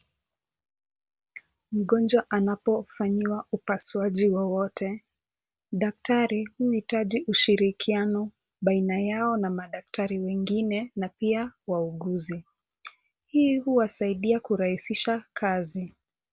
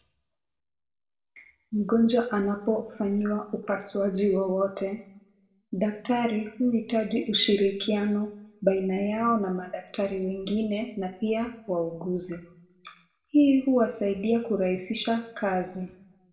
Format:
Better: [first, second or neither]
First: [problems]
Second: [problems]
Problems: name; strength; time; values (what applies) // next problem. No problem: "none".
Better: first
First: none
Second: room echo; dies away in 0.5 s